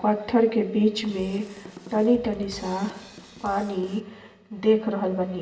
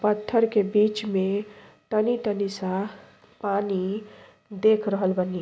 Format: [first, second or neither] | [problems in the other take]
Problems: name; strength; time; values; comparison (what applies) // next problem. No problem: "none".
second | background sound (Drum kit); 20 dB below the speech // room echo; dies away in 0.9 s